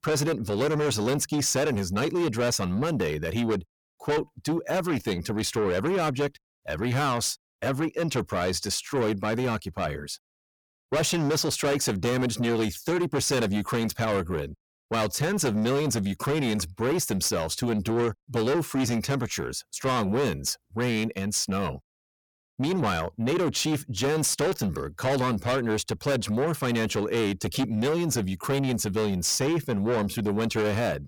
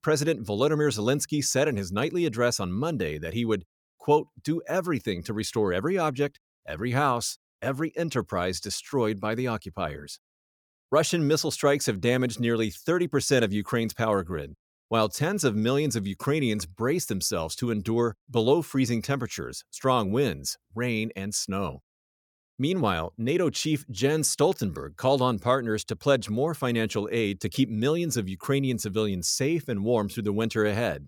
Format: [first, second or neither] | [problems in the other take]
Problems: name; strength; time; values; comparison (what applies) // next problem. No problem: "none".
second | distortion; heavy; 7 dB below the speech